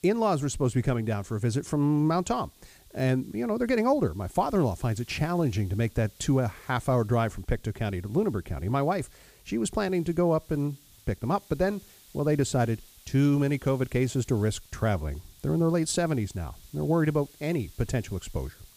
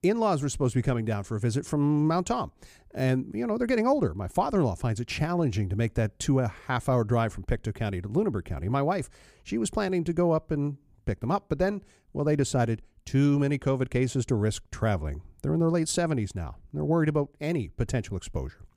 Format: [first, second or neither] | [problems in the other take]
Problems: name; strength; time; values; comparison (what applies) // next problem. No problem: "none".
second | hiss; faint; throughout; 25 dB below the speech